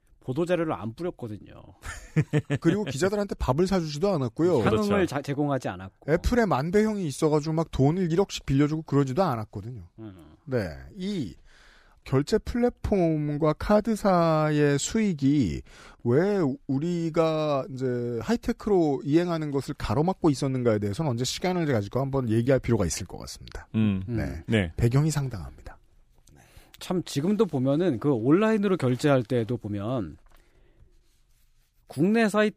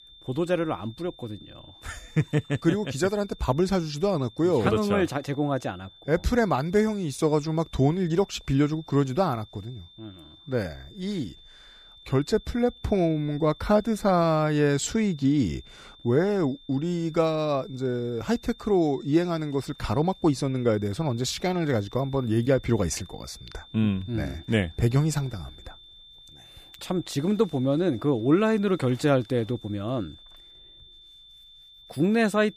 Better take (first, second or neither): first